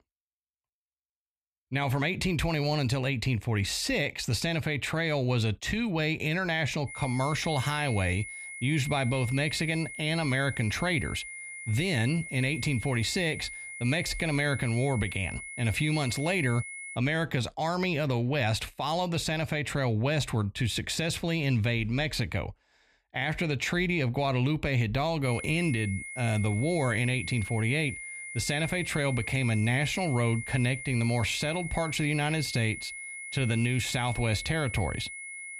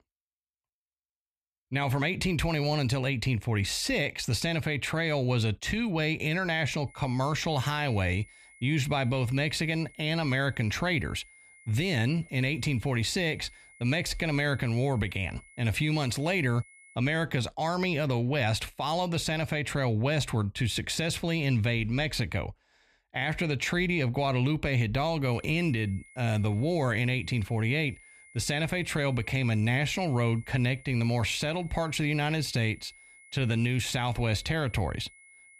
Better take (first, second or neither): second